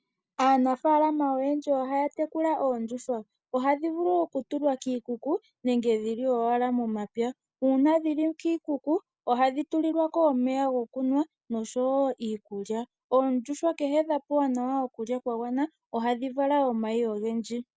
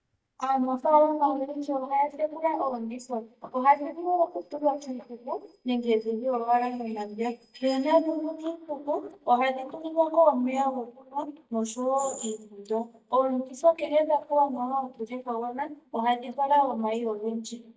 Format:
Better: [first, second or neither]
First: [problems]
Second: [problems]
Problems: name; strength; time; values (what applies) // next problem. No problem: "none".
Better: first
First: none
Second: noise reduction (neural mask model DeepFilterNet 3)